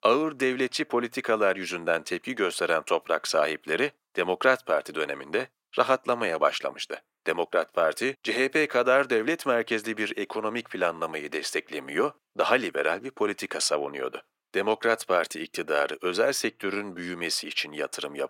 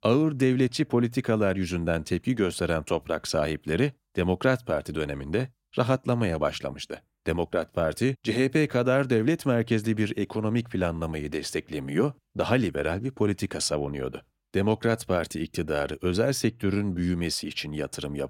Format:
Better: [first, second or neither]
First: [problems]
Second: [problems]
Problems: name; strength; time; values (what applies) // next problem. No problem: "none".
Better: second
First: thin; somewhat; fading below 500 Hz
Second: none